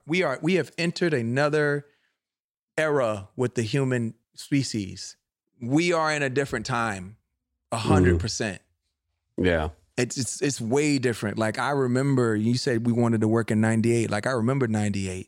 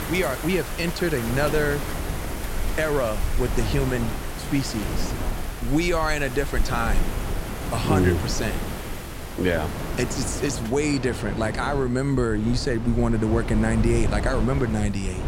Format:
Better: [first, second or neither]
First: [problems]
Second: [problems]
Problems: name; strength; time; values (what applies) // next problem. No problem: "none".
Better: first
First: none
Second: wind in the background; loud; throughout; 5 dB below the speech